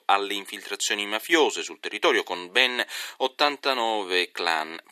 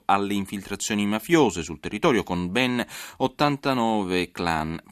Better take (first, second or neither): second